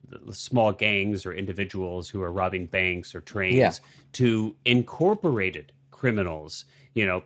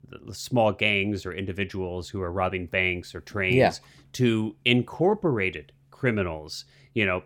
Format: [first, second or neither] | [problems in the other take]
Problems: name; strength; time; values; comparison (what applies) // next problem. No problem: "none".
second | garbled, watery; slightly; nothing above 7.5 kHz